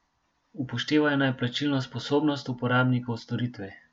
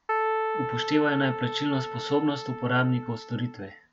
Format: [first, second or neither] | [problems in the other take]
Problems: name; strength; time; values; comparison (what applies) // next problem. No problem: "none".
first | background sound (Keyboard (musical)); 4 dB below the speech